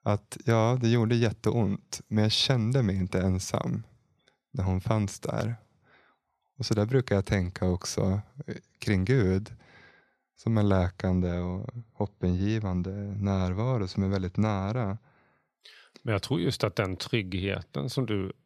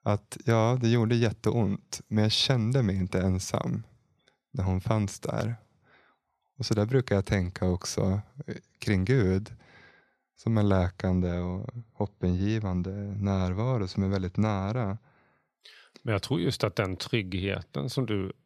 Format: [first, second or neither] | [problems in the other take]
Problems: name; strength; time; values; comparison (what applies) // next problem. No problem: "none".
neither | none